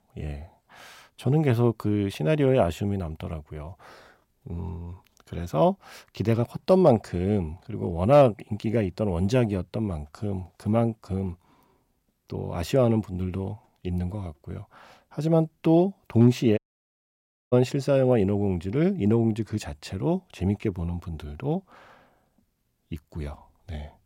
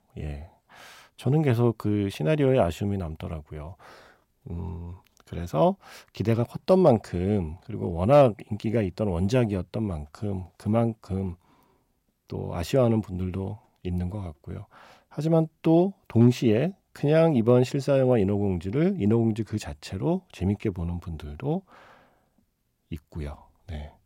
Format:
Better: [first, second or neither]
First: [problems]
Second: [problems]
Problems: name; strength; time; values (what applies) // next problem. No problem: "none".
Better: second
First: audio cutting out; at 17 s for 1 s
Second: none